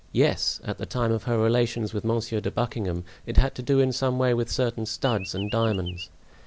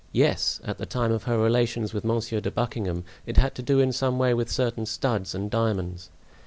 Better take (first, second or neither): second